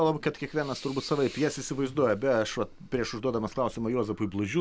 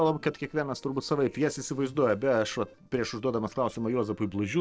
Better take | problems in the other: first | noise reduction (neural separator model SepFormer DNS4)

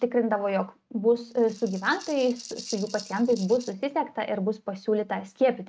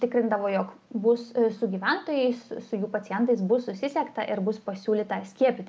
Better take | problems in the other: second | noise reduction (neural mask model RNNoise)

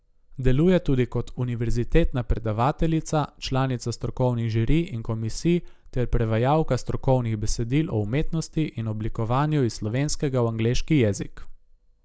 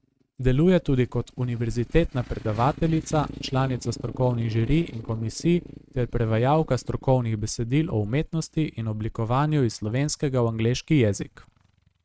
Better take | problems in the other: first | noise reduction (neural mask model RNNoise)

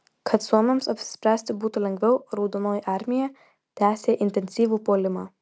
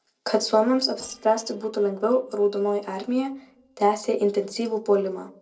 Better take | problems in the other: first | noise reduction (neural separator model SepFormer DNS4)

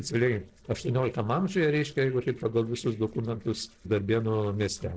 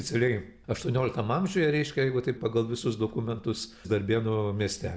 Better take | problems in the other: second | noise reduction (neural separator model SepFormer DNS4)

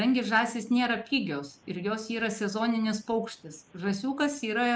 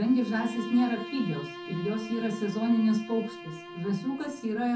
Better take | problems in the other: first | background sound (Bowed string instrument); 13 dB below the speech // room echo; dies away in 0.3 s

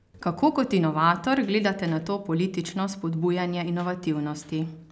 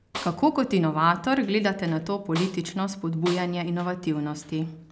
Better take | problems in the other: first | background sound (Snare drum); 14 dB below the speech

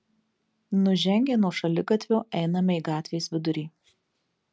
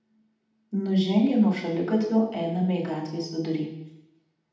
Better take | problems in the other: first | room echo; dies away in 0.8 s

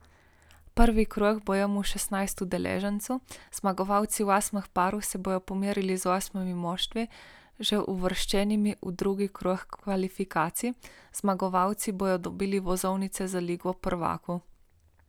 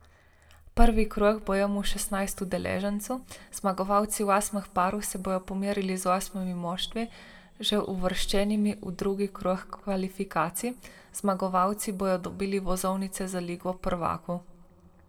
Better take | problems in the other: first | room echo; dies away in 1.1 s

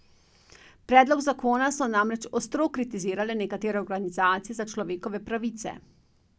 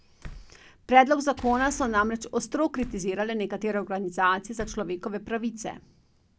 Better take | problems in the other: first | background sound (Slam + Boom); 18 dB below the speech

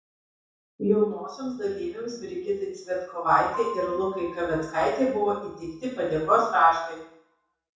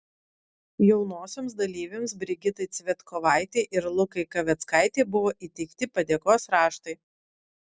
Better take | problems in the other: second | background sound (Piano); 15 dB below the speech // room echo; dies away in 0.7 s

